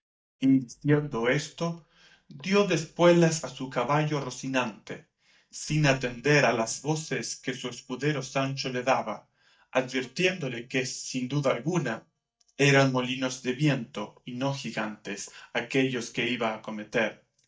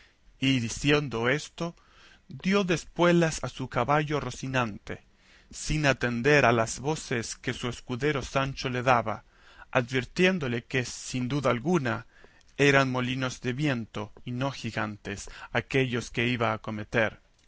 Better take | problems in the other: second | noise reduction (neural mask model DeepFilterNet 3)

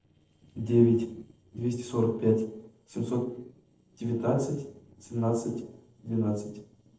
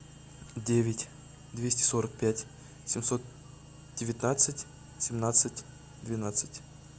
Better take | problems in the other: second | noise reduction (neural separator model SepFormer DNS4)

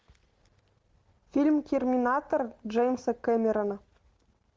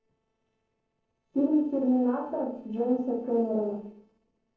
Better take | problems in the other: first | noise reduction (neural separator model SepFormer DNS4)

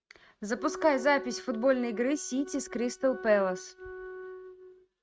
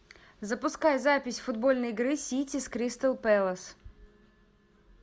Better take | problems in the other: second | noise reduction (neural mask model RNNoise)

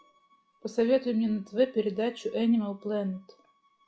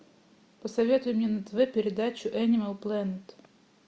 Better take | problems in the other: second | noise reduction (classical method log-MMSE)

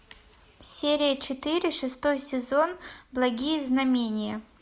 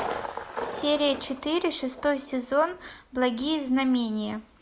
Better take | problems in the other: first | background sound (Thunder); 12 dB below the speech

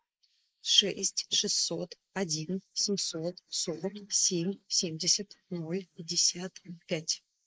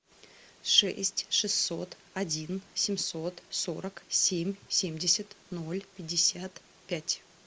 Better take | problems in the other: second | noise reduction (neural mask model Resemble Enhance denoiser)

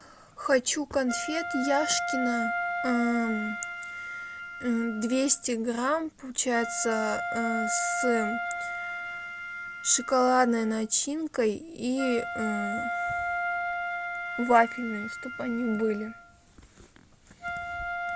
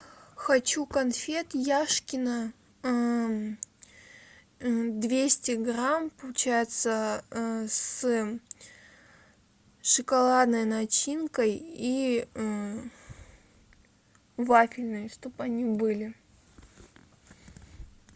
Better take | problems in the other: second | background sound (Wind instrument, woodwind instrument); 5 dB below the speech

